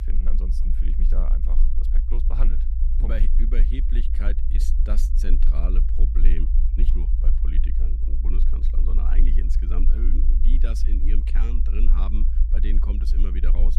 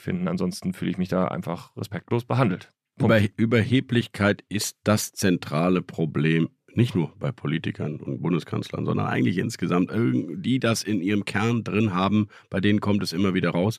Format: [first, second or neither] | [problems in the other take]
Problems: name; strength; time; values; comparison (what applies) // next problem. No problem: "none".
second | low rumble; loud; throughout; 5 dB below the speech